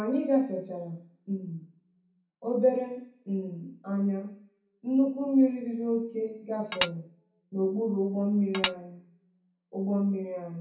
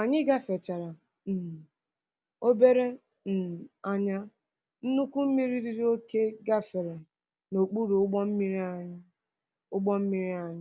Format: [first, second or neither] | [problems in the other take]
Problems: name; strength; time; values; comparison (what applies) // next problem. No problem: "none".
second | background sound (Tap / Dishes, pots, and pans); 2 dB below the speech // room echo; dies away in 0.6 s